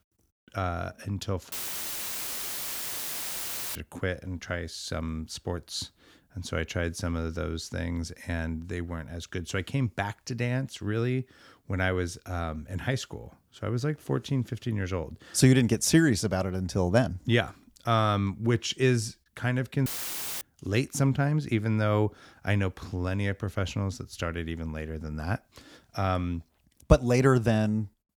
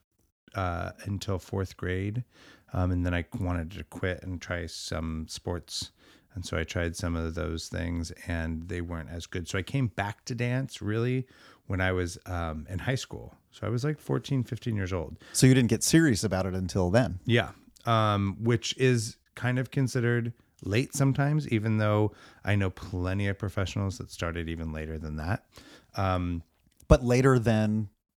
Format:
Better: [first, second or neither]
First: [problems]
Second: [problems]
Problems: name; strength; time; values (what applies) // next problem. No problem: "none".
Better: second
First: audio cutting out; filled with static; at 1.5 s for 2 s and at 20 s for 0.5 s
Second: none